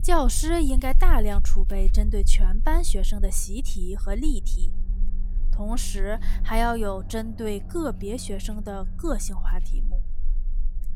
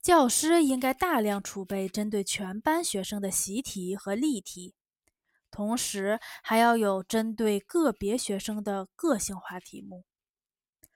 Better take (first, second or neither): second